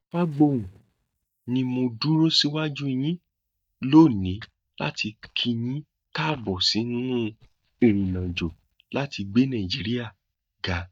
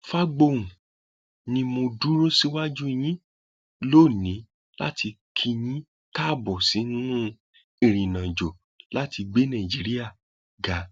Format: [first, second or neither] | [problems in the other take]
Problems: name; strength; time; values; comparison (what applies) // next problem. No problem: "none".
second | noise reduction (neural mask model DeepFilterNet 3)